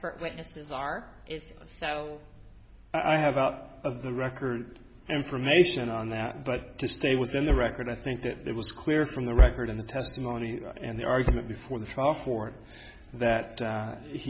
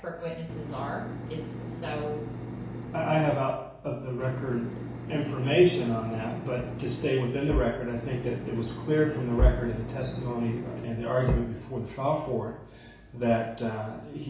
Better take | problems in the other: first | background sound (Engine); 8 dB below the speech // room echo; dies away in 0.6 s

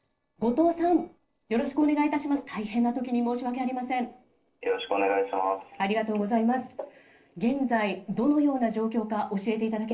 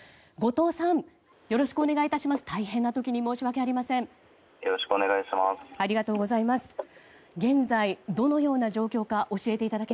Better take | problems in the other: second | noise reduction (neural separator model SepFormer DNS4)

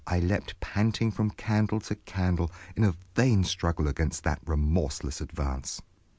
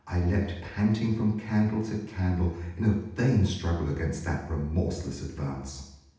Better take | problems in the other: first | room echo; dies away in 0.8 s

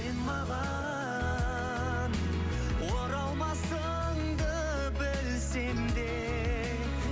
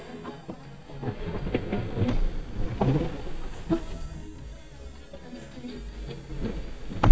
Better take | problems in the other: first | noise reduction (neural mask model DeepFilterNet 3)

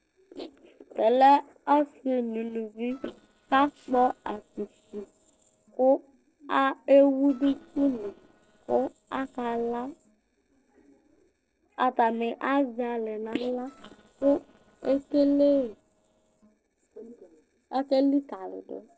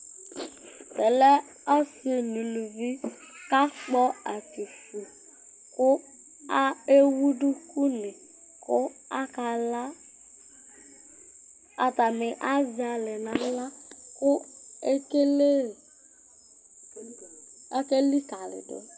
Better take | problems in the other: second | noise reduction (neural separator model SepFormer DNS4)

